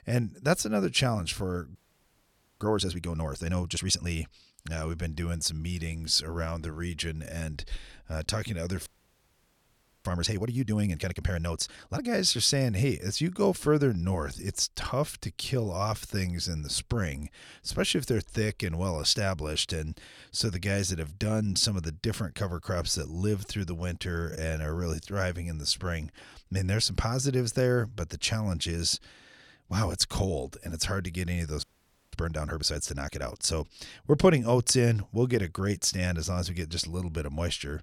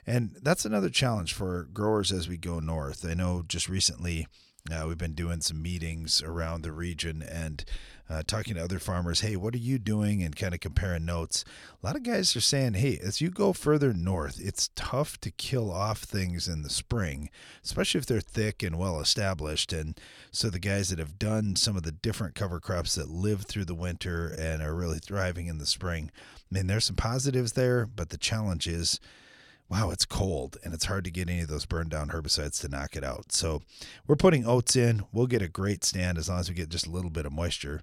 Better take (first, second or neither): second